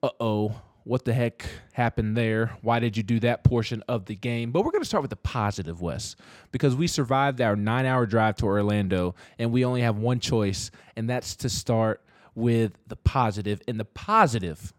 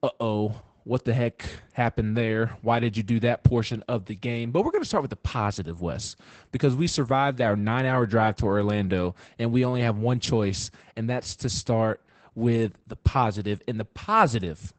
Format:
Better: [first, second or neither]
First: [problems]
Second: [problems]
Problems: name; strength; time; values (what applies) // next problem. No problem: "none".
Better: first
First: none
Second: garbled, watery; badly; nothing above 8 kHz